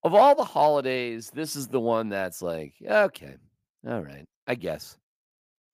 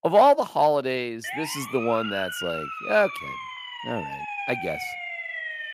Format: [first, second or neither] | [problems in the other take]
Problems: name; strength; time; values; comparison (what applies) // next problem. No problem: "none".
first | siren; noticeable; from 1 s on; peak 5 dB below the speech